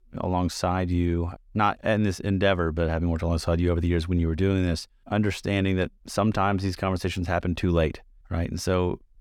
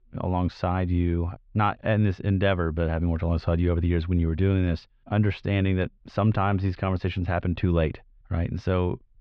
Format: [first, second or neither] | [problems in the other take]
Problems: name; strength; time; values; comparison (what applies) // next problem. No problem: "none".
first | muffled; slightly; fading above 3.5 kHz